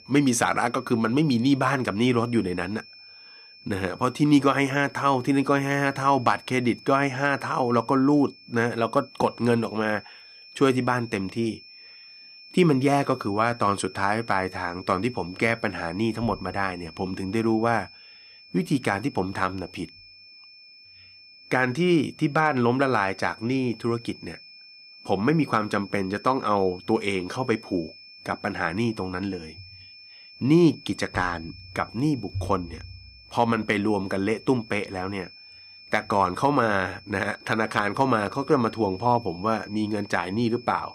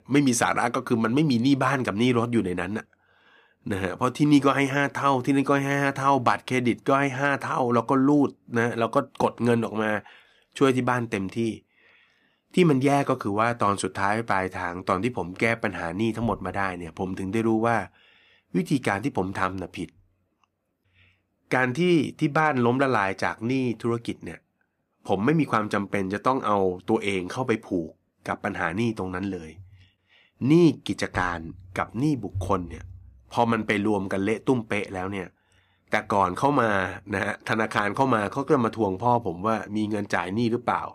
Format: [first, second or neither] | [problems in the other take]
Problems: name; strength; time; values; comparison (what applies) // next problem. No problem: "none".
second | high-pitched whine; faint; throughout; 5.5 kHz, 20 dB below the speech